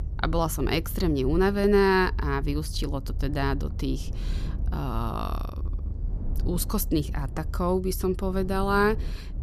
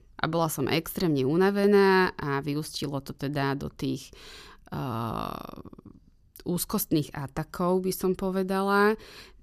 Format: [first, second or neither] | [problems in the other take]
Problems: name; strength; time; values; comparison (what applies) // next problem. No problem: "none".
second | low rumble; faint; throughout; 20 dB below the speech